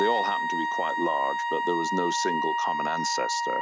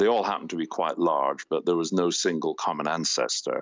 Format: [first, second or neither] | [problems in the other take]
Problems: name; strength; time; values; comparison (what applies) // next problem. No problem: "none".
second | background sound (Wind instrument, woodwind instrument); 2 dB above the speech